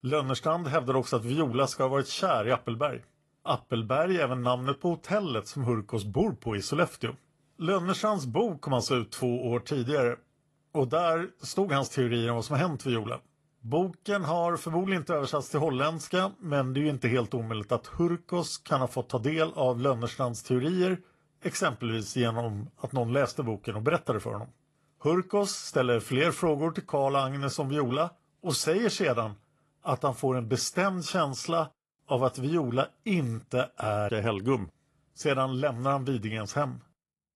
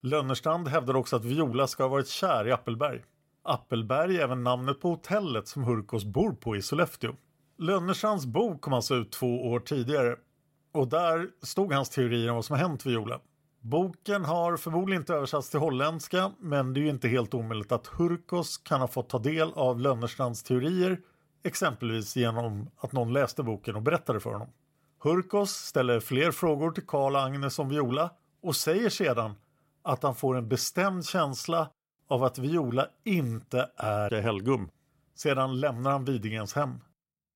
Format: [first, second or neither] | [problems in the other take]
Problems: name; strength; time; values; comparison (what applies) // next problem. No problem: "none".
second | garbled, watery; slightly; nothing above 11.5 kHz